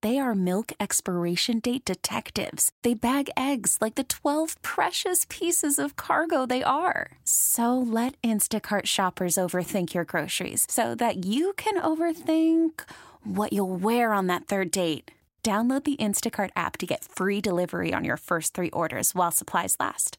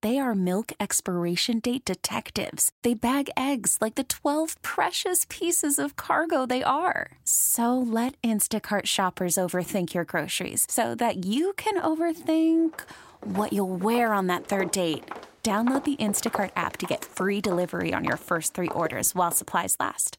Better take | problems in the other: first | footsteps; noticeable; from 13 to 19 s; peak 8 dB below the speech

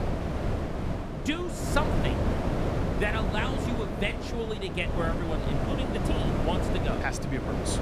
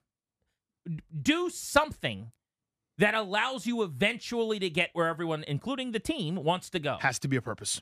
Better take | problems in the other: second | wind noise on the microphone; heavy; 1 dB below the speech

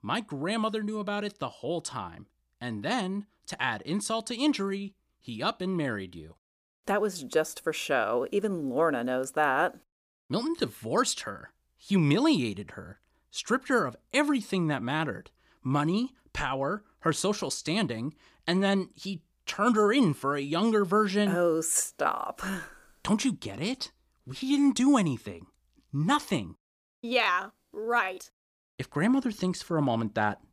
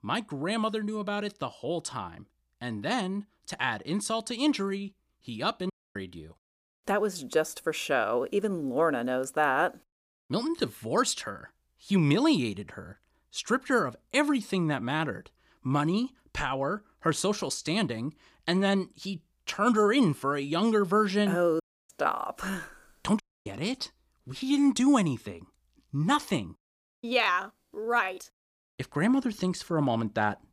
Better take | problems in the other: first | audio cutting out; at 5.5 s, at 22 s and at 23 s

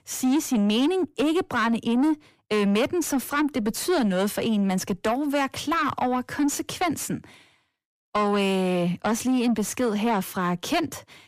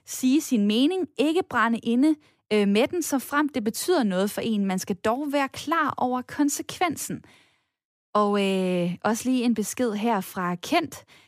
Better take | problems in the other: second | distortion; slight; 10 dB below the speech

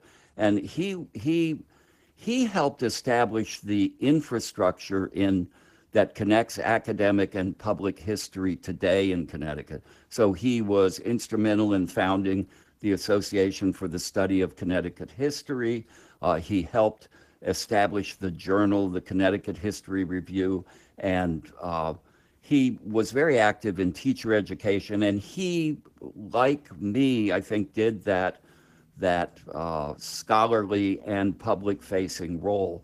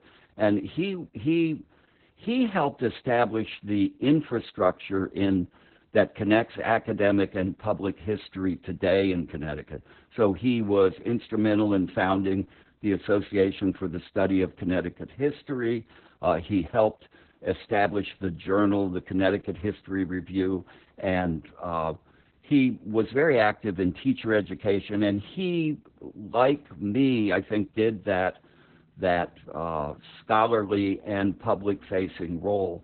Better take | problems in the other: first | garbled, watery; badly; nothing above 4 kHz; slightly in the first

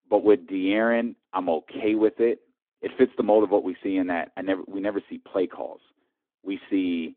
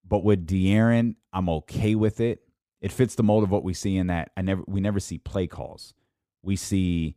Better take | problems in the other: second | phone-call audio

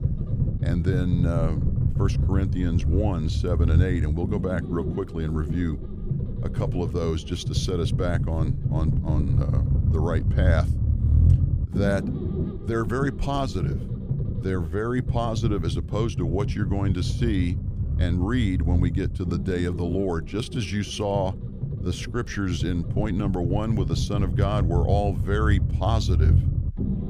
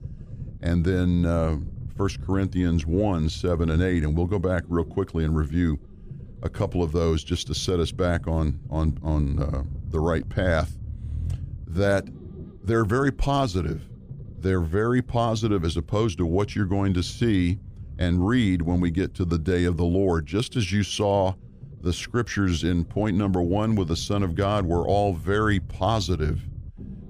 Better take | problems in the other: second | low rumble; loud; throughout; 8 dB below the speech; faint in the second

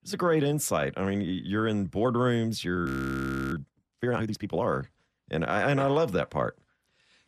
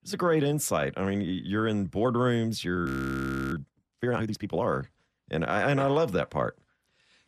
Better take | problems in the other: neither | audio freezing; at 3 s for 0.5 s; the same in both

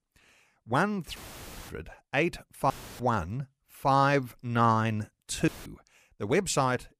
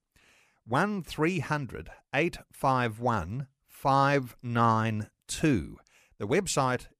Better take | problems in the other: second | audio cutting out; filled with static; at 1 s for 0.5 s, at 2.5 s and at 5.5 s

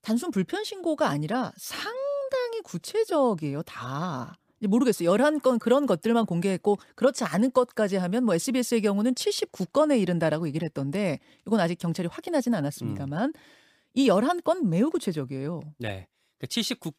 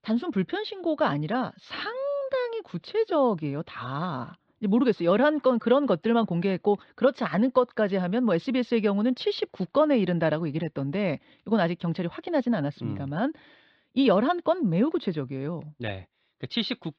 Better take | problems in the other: first | muffled; very slightly; fading above 4 kHz

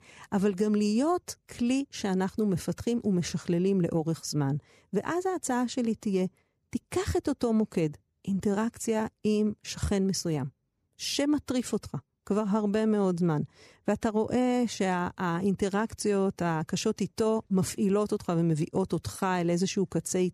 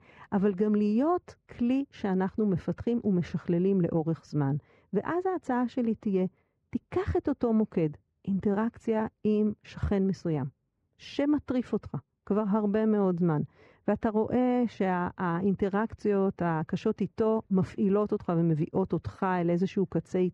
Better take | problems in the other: first | muffled; very; fading above 2 kHz

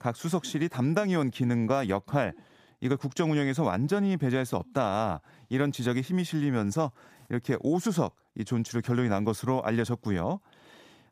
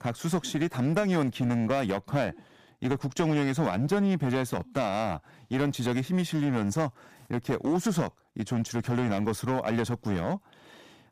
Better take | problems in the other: first | distortion; slight; 7% of the sound clipped

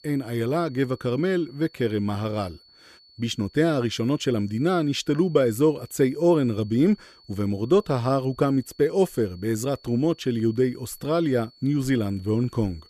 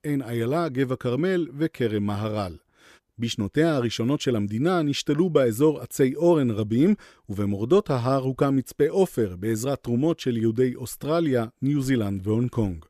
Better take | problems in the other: second | high-pitched whine; faint; throughout; 4.5 kHz, 30 dB below the speech

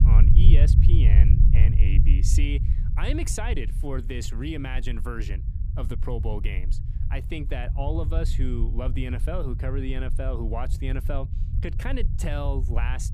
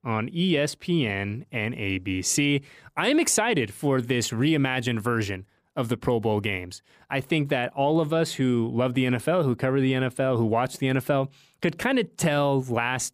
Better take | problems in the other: second | low rumble; loud; throughout; 6 dB below the speech

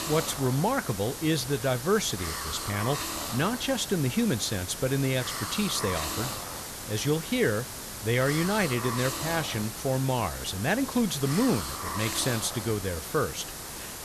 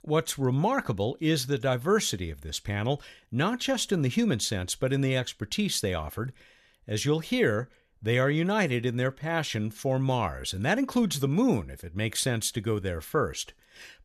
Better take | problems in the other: second | hiss; loud; throughout; 6 dB below the speech

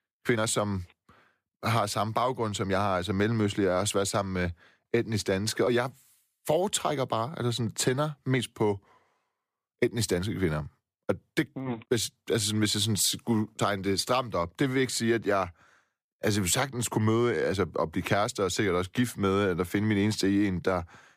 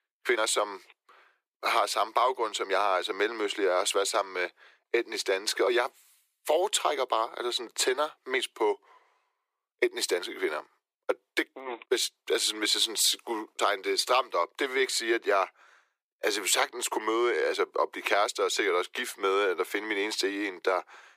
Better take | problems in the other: first | thin; very; fading below 350 Hz

